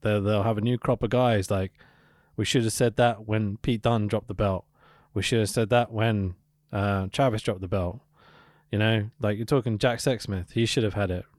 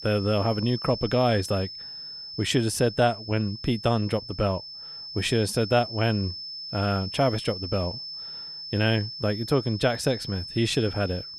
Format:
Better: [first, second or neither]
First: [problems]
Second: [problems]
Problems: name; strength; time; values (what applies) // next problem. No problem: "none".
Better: first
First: none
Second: high-pitched whine; loud; throughout; 5.5 kHz, 9 dB below the speech